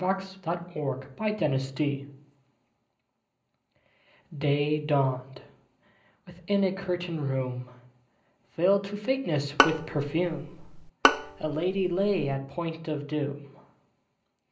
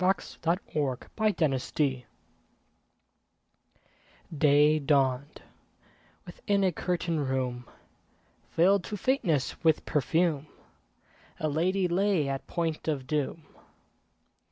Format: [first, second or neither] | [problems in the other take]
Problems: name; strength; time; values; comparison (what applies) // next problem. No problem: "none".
second | background sound (Bowed string instrument); 1 dB above the speech // room echo; dies away in 0.5 s